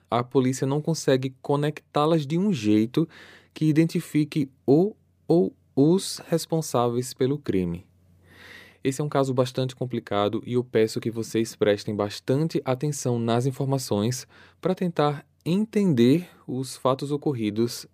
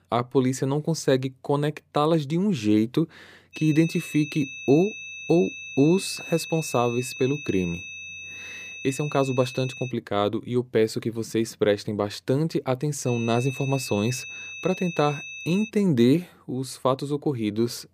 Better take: first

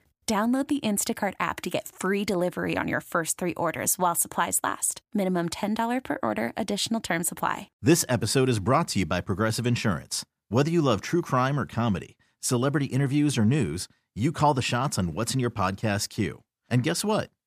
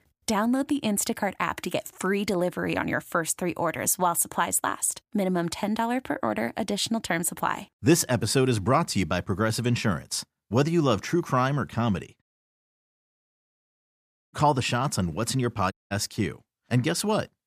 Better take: first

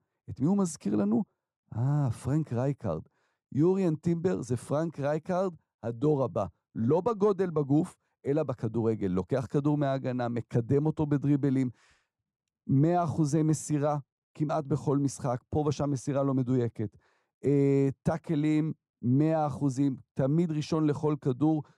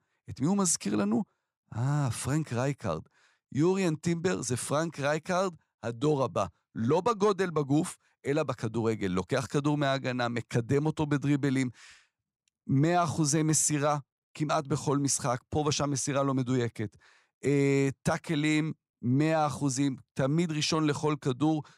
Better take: second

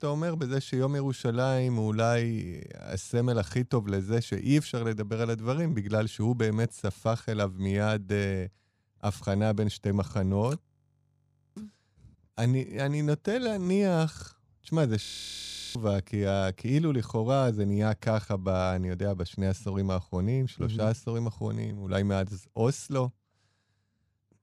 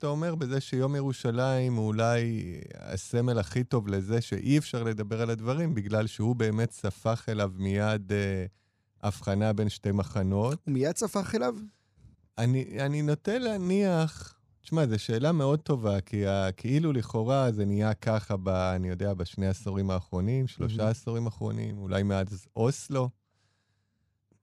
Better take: second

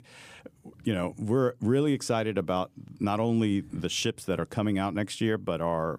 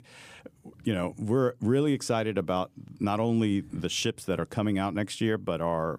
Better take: neither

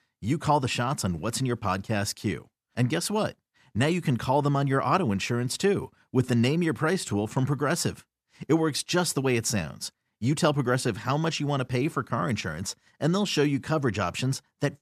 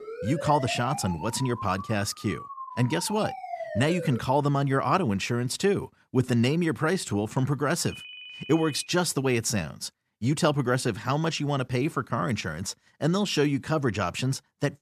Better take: first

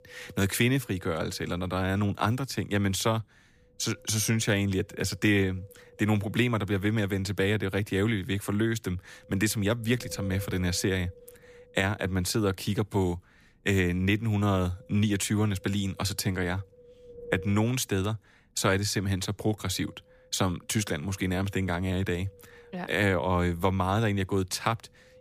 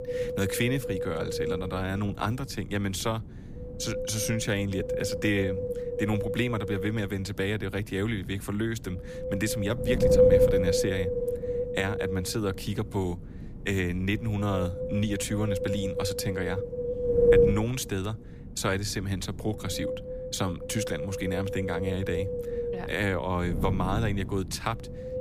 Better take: first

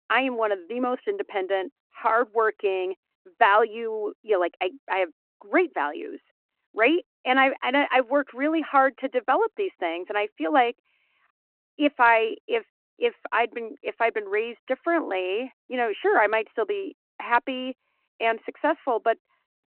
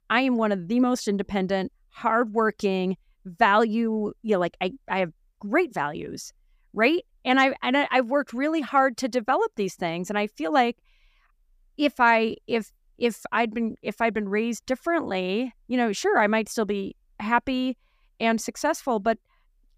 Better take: second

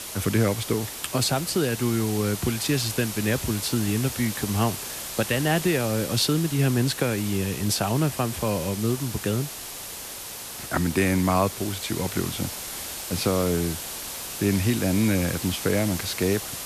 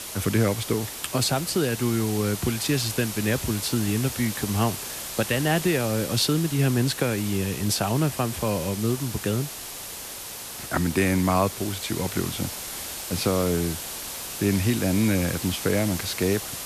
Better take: neither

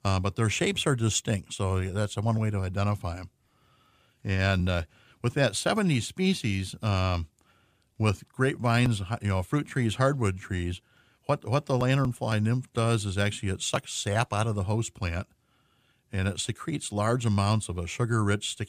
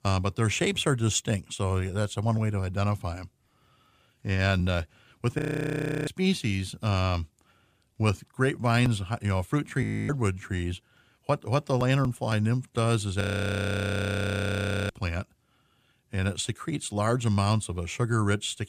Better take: first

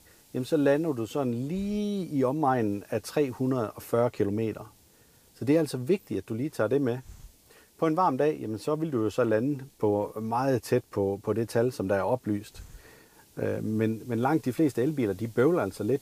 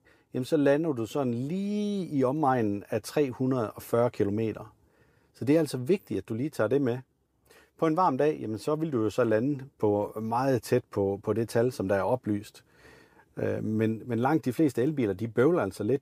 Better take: second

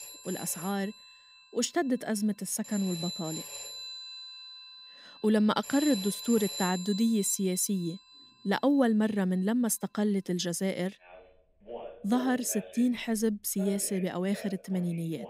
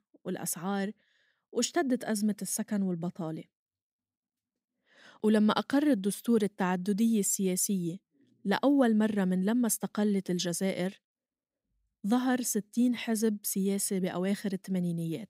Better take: second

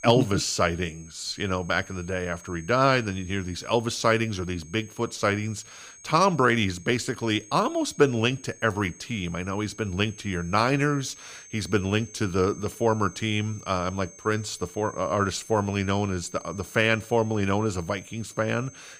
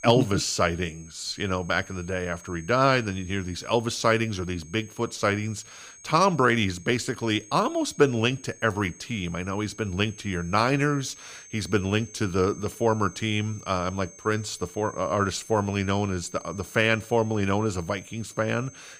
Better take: neither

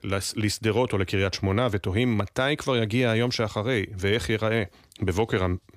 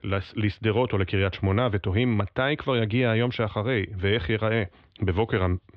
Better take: first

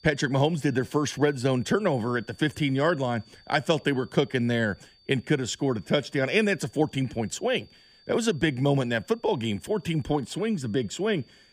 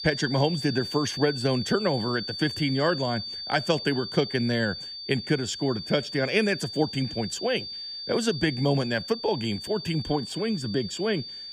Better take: first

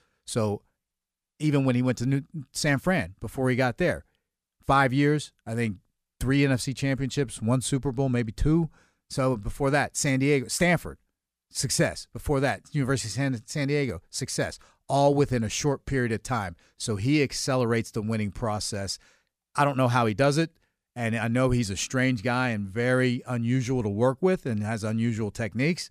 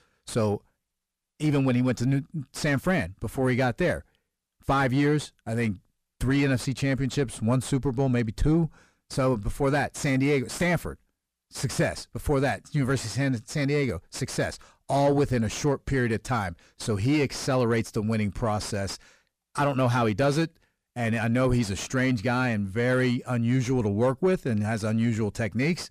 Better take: first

